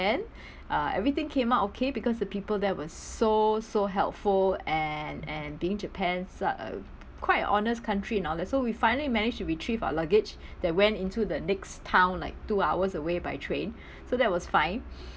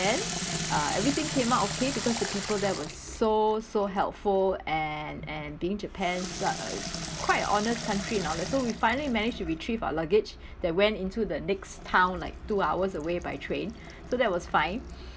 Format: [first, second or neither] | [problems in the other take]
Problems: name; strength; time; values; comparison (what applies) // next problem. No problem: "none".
first | background sound (Sink (filling or washing) / Water tap, faucet); 9 dB below the speech